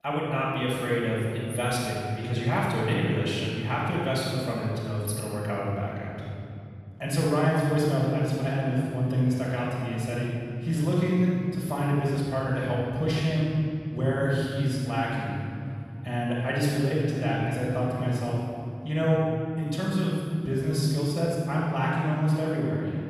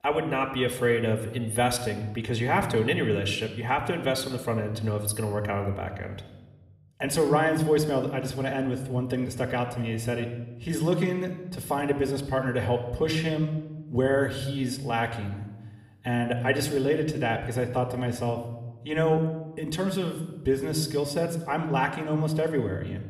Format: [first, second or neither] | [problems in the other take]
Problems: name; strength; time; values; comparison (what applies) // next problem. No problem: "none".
second | room echo; strong; dies away in 3 s; slight in the second // off-mic speech; far; somewhat distant in the second